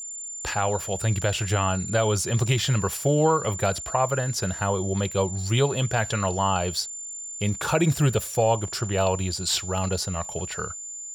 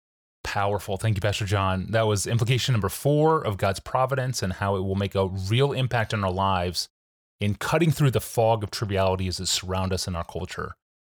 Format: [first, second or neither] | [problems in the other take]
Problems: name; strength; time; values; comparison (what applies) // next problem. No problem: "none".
second | high-pitched whine; loud; throughout; 7 kHz, 8 dB below the speech